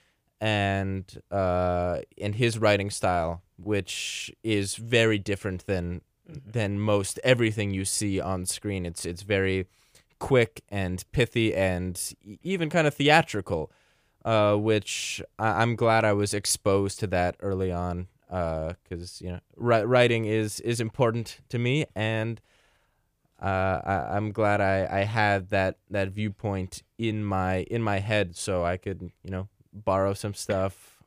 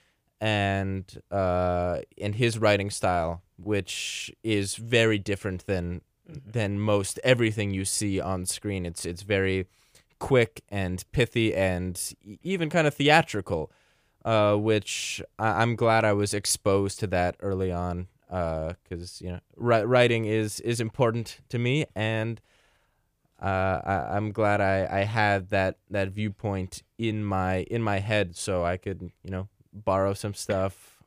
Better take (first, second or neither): neither